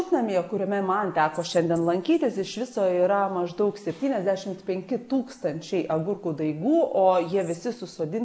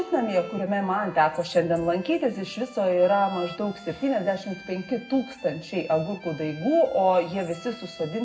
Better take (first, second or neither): first